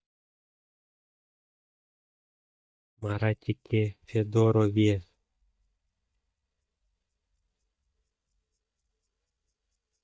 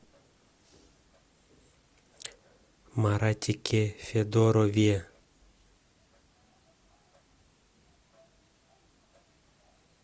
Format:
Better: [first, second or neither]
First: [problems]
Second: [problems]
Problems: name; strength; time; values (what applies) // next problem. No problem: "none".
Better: second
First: noise reduction (neural mask model DeepFilterNet 3)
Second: none